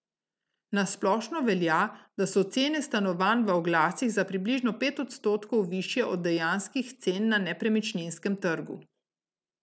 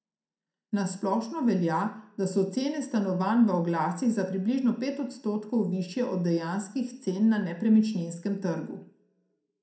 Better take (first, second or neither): first